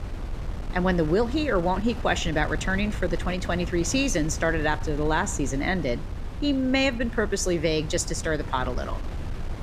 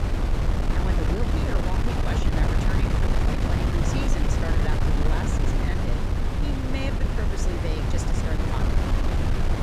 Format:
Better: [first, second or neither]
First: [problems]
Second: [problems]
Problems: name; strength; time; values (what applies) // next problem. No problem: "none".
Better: first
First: wind noise on the microphone; occasional gusts; 15 dB below the speech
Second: wind noise on the microphone; heavy; 5 dB above the speech